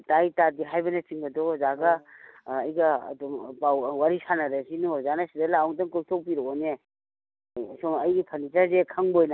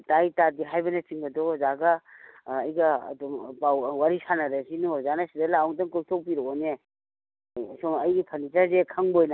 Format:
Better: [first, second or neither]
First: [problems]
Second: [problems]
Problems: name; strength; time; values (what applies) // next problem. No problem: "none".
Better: second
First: background sound (Brass instrument); 20 dB below the speech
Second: none